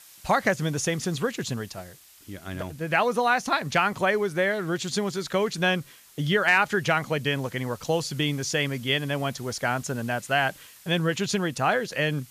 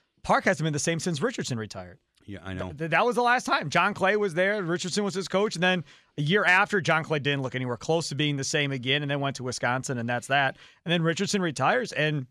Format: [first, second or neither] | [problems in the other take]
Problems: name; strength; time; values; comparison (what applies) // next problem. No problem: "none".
second | hiss; faint; throughout; 25 dB below the speech